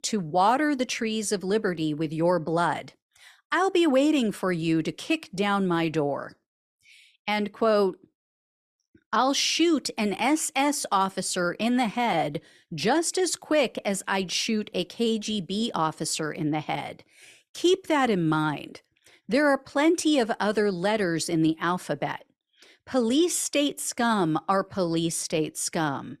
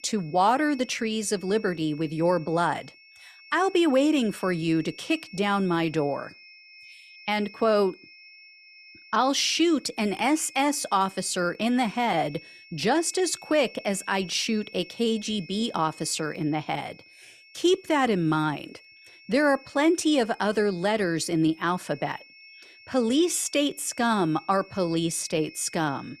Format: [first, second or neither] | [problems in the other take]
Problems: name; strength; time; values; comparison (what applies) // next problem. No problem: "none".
first | high-pitched whine; faint; throughout; 2.5 kHz, 20 dB below the speech